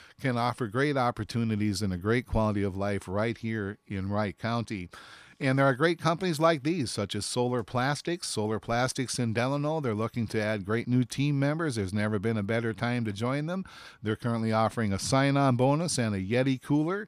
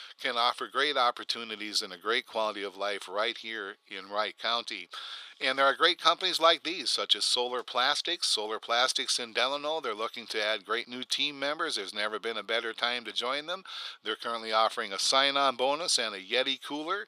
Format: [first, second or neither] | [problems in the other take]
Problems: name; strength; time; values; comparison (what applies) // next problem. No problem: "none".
first | thin; very; fading below 450 Hz